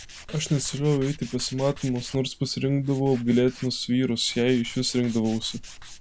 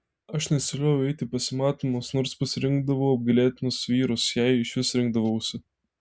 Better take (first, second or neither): second